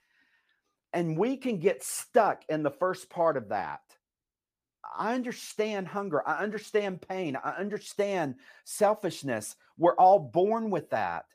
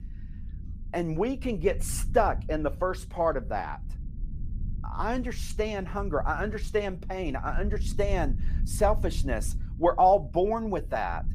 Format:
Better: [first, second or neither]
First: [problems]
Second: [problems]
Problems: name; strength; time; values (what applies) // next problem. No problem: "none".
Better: first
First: none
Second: low rumble; faint; throughout; 25 dB below the speech